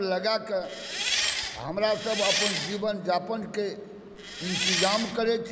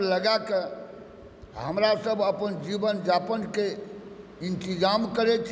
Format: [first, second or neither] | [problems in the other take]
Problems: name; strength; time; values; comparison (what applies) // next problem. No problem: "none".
second | background sound (Engine); 1 dB below the speech